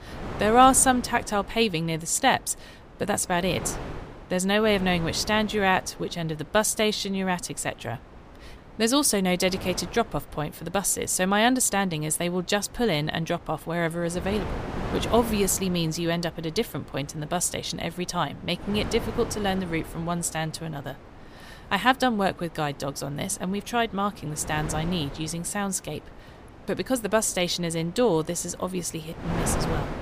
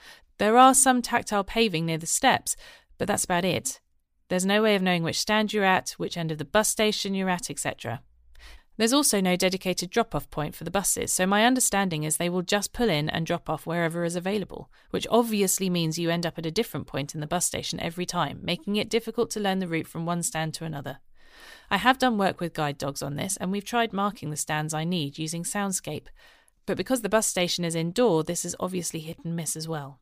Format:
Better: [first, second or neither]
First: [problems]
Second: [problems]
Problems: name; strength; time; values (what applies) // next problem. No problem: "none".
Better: second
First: wind noise on the microphone; occasional gusts; 15 dB below the speech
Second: none